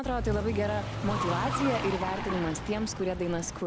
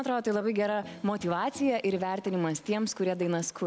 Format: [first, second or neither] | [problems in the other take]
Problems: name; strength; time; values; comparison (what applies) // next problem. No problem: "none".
second | background sound (Car); 3 dB below the speech